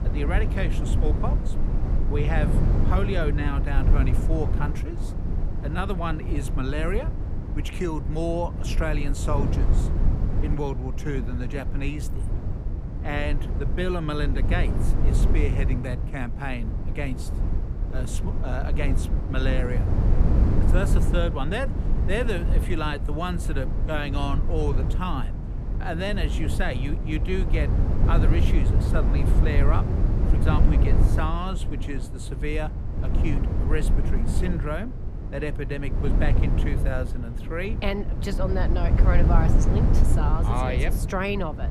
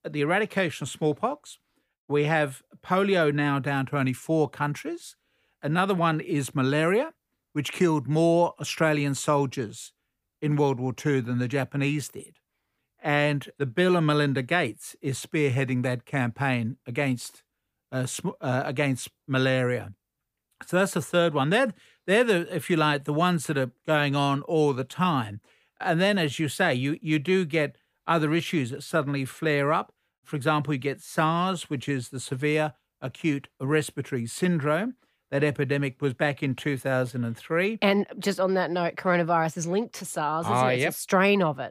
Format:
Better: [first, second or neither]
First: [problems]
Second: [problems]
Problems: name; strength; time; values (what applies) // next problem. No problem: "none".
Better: second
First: low rumble; loud; throughout; 6 dB below the speech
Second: none